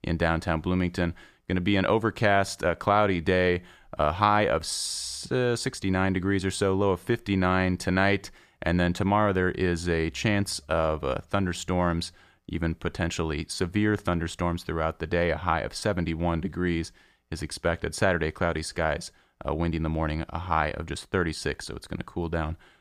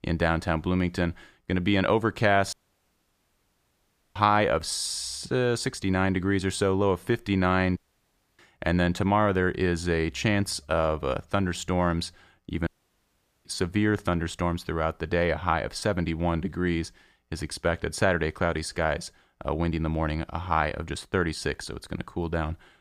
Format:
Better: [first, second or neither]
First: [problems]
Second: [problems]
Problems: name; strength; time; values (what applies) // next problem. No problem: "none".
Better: first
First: none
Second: audio cutting out; at 2.5 s for 1.5 s, at 8 s for 0.5 s and at 13 s for 1 s